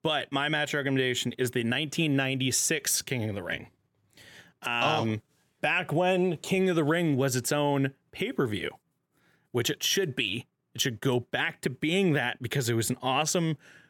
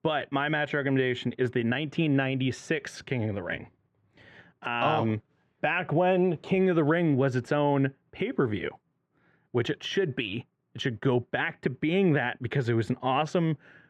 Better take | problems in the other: first | muffled; very; fading above 2 kHz

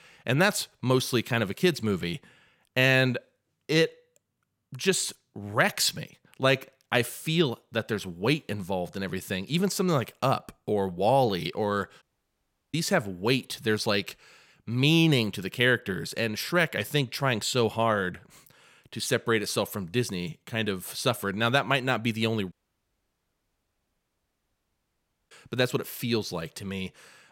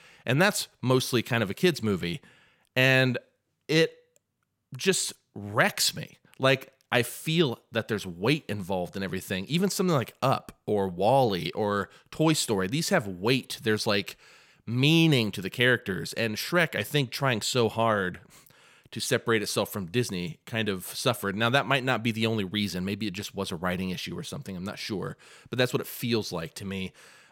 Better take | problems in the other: second | audio cutting out; at 12 s for 0.5 s and at 23 s for 3 s

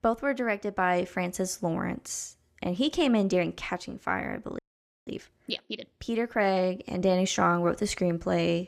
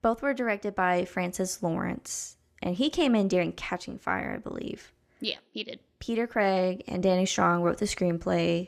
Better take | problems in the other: second | audio freezing; at 4.5 s

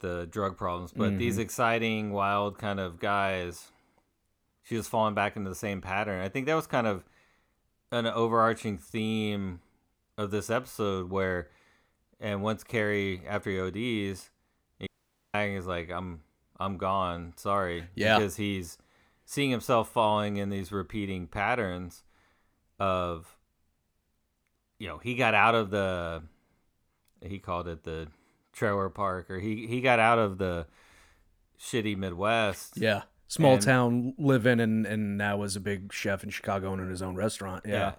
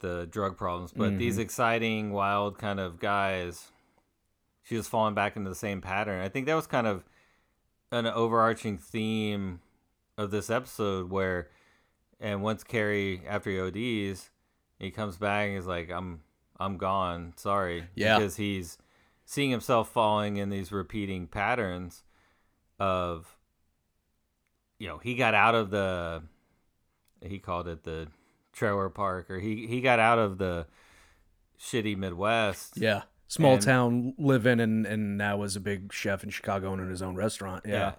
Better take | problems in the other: second | audio cutting out; at 15 s

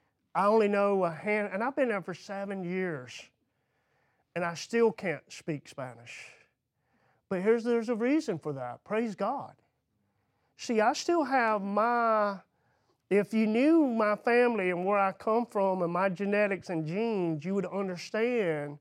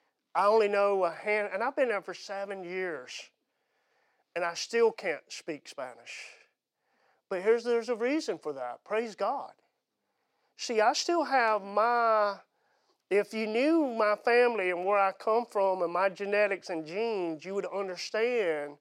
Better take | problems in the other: first | thin; somewhat; fading below 450 Hz

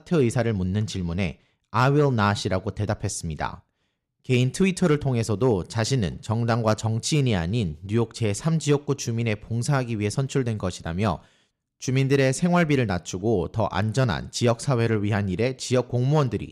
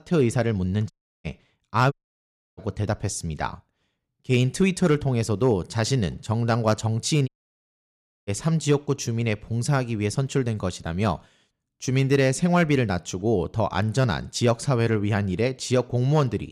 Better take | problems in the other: first | audio cutting out; at 1 s, at 2 s for 0.5 s and at 7.5 s for 1 s

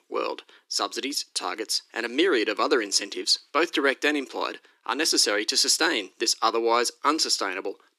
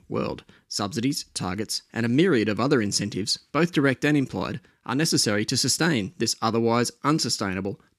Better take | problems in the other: second | thin; somewhat; fading below 300 Hz

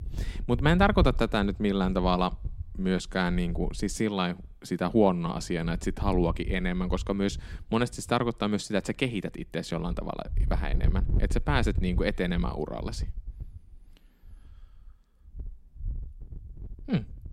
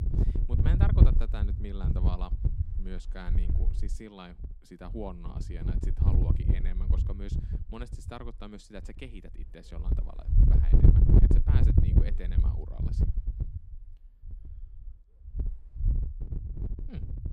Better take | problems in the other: first | wind noise on the microphone; heavy; 4 dB above the speech; occasional gusts in the first

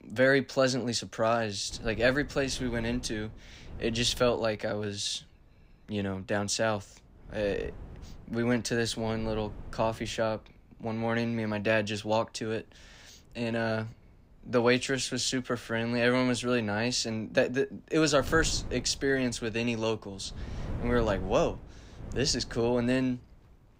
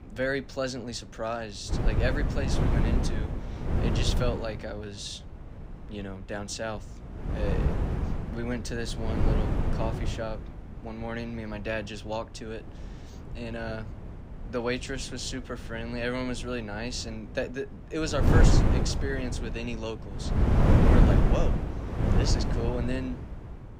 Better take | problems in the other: first | wind noise on the microphone; heavy; 1 dB below the speech; occasional gusts in the first

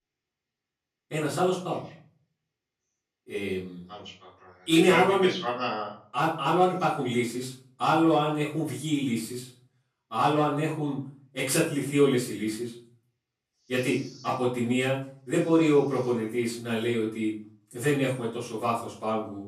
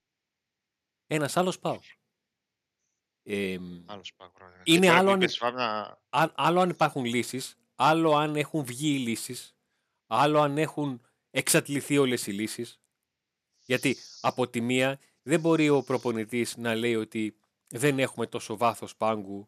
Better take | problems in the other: second | off-mic speech; far // room echo; noticeable; dies away in 0.4 s

